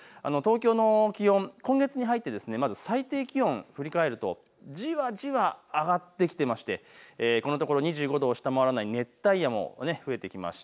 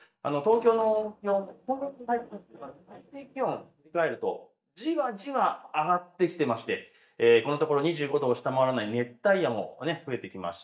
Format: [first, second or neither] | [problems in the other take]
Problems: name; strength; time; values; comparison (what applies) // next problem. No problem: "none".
first | noise reduction (neural mask model DeepFilterNet 3)